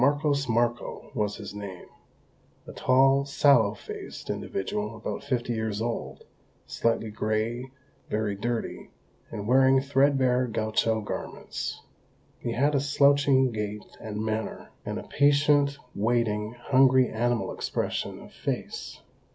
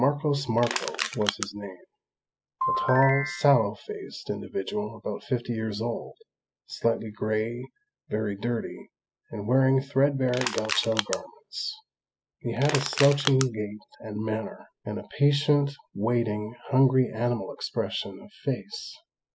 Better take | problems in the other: first | noise reduction (classical method spectral subtraction)

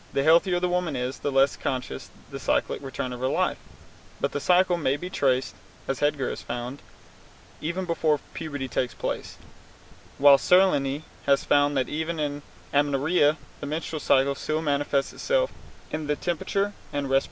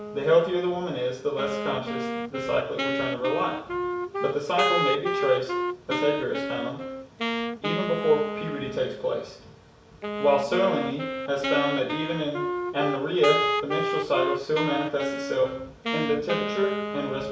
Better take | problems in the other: first | background sound (Wind instrument, woodwind instrument); 3 dB below the speech // room echo; dies away in 0.6 s

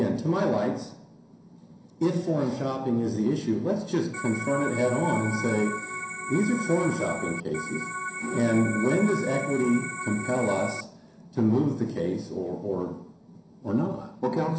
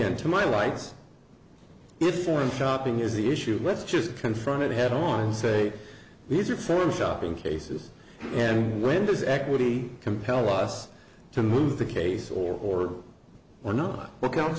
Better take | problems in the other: second | background sound (Organ); 7 dB below the speech // room echo; dies away in 0.5 s

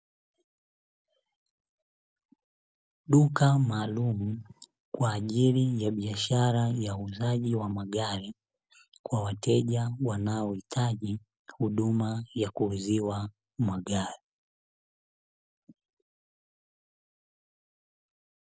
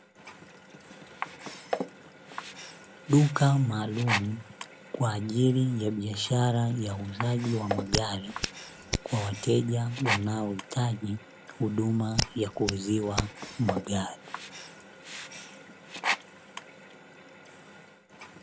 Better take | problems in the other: first | background sound (Sink (filling or washing) + Hands); 7 dB below the speech

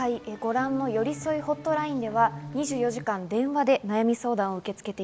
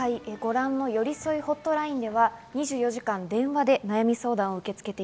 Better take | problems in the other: second | background sound (Musical instrument); 13 dB below the speech

